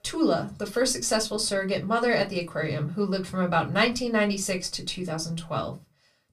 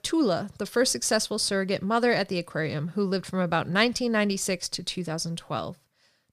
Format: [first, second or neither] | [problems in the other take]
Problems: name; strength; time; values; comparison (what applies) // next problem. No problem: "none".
second | off-mic speech; somewhat distant // room echo; very slight; dies away in 0.2 s